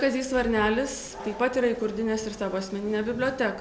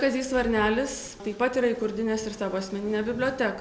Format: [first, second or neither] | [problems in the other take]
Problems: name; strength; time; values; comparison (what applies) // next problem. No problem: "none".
second | background sound (Train); 20 dB below the speech